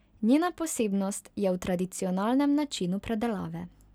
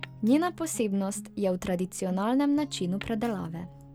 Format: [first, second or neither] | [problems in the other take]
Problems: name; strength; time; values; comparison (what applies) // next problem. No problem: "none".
first | background sound (Glass + Guitar); 17 dB below the speech